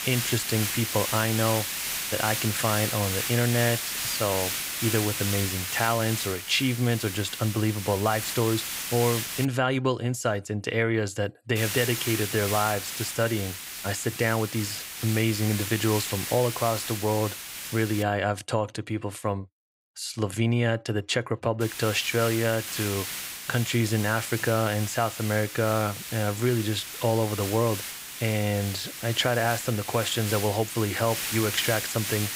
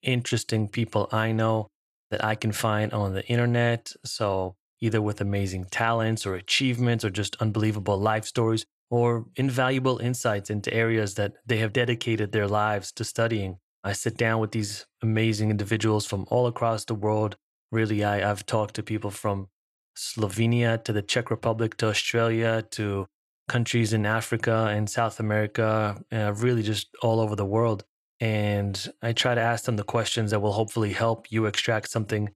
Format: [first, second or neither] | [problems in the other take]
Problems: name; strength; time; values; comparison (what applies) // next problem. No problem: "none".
second | hiss; loud; until 9.5 s, from 12 to 18 s and from 22 s on; 4 dB below the speech